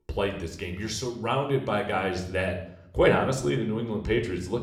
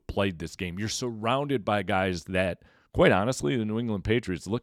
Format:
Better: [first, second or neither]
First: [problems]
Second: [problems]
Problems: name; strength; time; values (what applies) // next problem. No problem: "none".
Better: second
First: room echo; slight; dies away in 0.6 s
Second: none